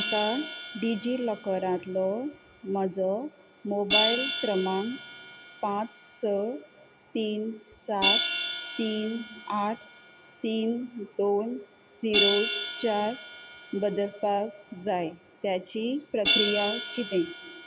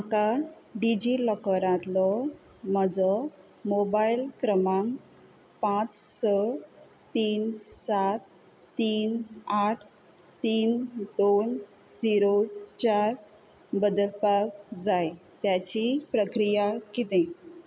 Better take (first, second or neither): second